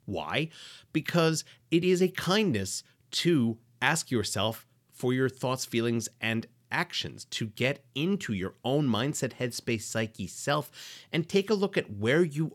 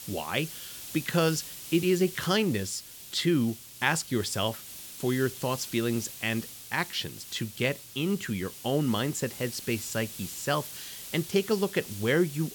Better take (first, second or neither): first